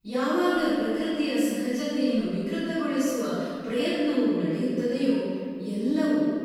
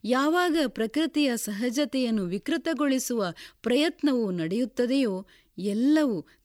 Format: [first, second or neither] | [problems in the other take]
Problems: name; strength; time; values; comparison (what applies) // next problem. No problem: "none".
second | off-mic speech; far // room echo; strong; dies away in 1.9 s